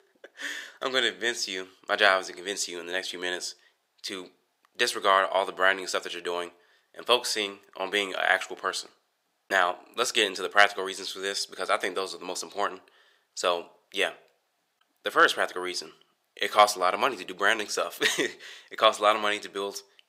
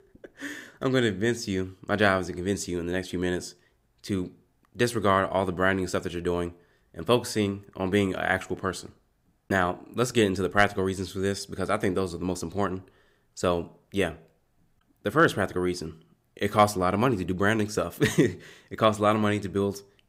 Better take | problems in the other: second | thin; very; fading below 650 Hz

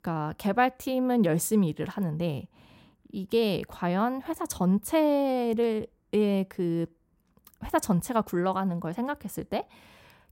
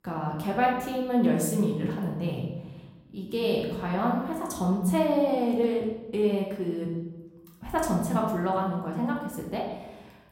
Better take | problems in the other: first | room echo; noticeable; dies away in 0.9 s // off-mic speech; far

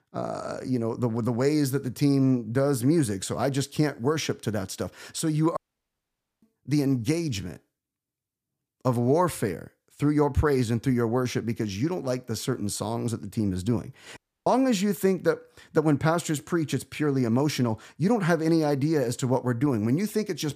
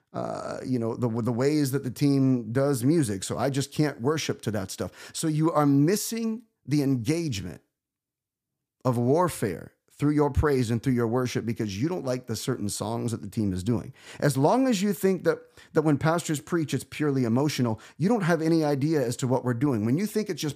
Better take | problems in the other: second | audio cutting out; at 5.5 s for 1 s and at 14 s

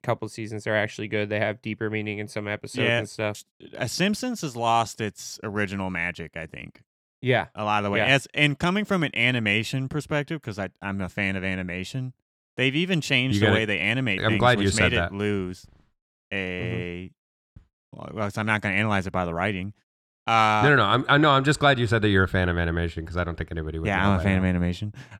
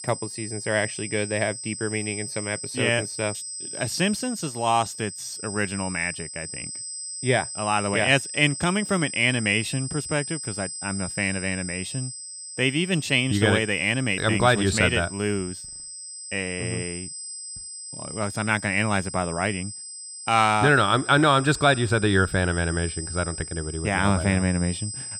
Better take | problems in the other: first | high-pitched whine; loud; throughout; 8 kHz, 9 dB below the speech

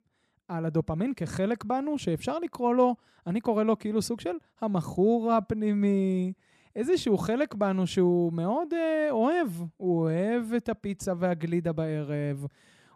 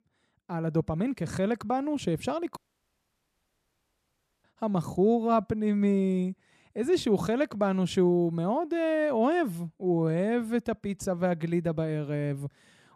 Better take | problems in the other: first | audio cutting out; at 2.5 s for 2 s

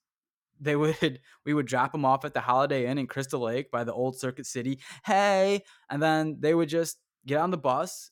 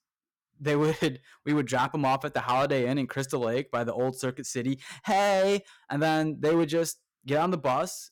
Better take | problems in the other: first | distortion; slight; 7% of the sound clipped

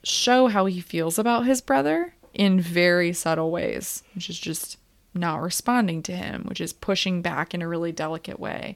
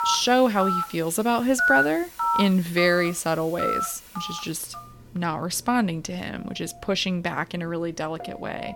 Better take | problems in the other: first | alarms or sirens; loud; throughout; 2 dB below the speech

